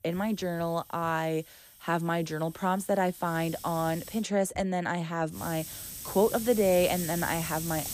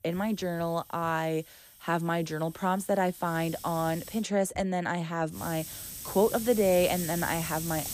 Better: neither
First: hiss; loud; until 4 s and from 5.5 s on; 8 dB below the speech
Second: hiss; loud; until 4 s and from 5.5 s on; 8 dB below the speech

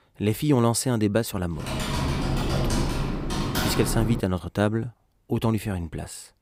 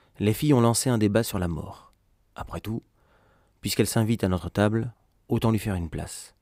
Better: second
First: keyboard typing; loud; from 1.5 to 4 s; peak level with the speech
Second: none

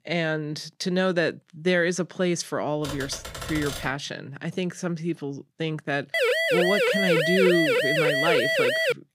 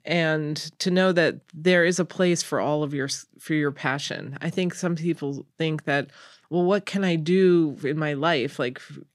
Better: second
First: keyboard typing; noticeable; from 3 to 4 s; peak 6 dB below the speech // siren; loud; from 6 s on; peak 6 dB above the speech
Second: none

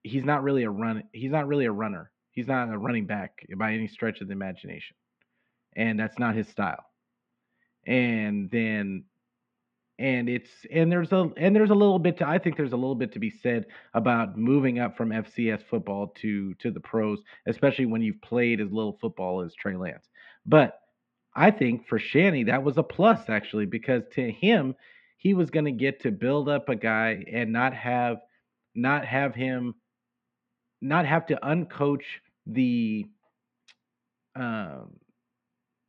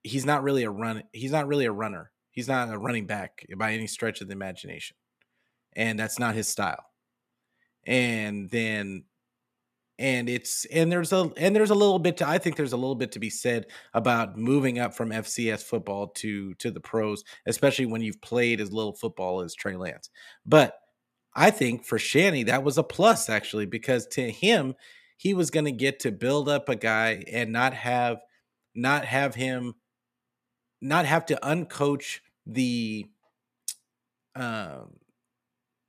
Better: second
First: muffled; very; fading above 3 kHz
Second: none

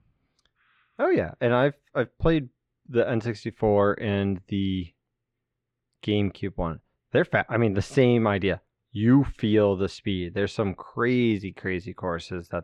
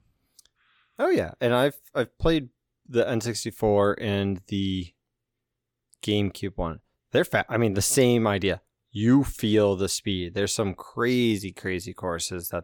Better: second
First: muffled; slightly; fading above 2.5 kHz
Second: none

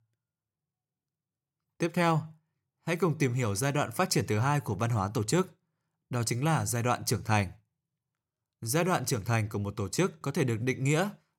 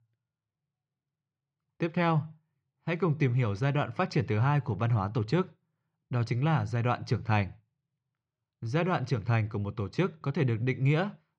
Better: first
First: none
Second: muffled; slightly; fading above 4 kHz

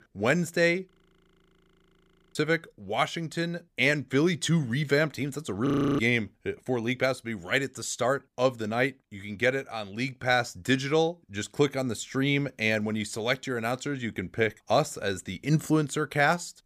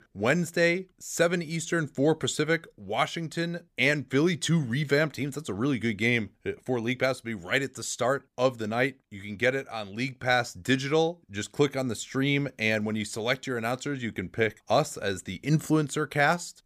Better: second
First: audio freezing; at 1 s for 1.5 s and at 5.5 s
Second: none

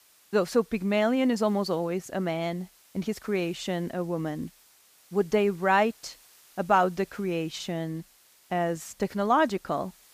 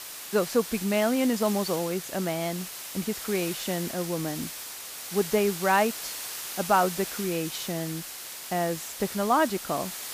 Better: first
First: hiss; faint; throughout; 25 dB below the speech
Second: hiss; loud; throughout; 7 dB below the speech

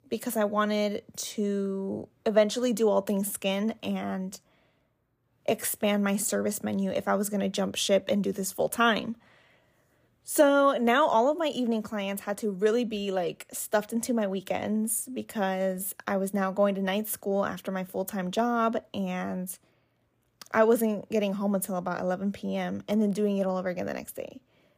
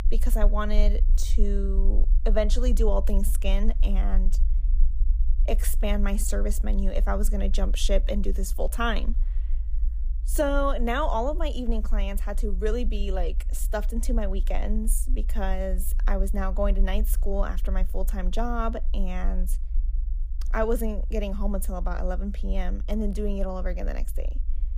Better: first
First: none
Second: low rumble; faint; throughout; 20 dB below the speech

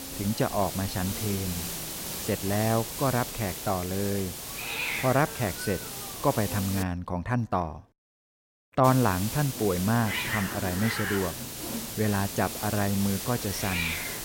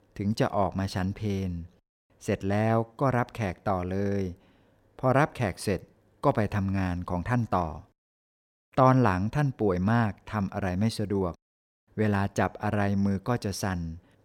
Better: second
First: hiss; loud; until 7 s and from 9 s on; 4 dB below the speech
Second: none

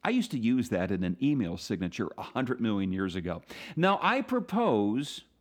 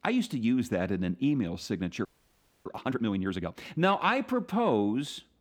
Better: first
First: none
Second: audio freezing; at 2 s for 0.5 s

